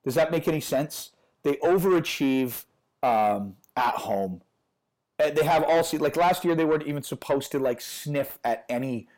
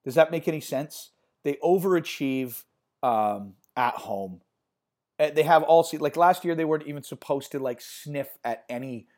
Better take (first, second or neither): second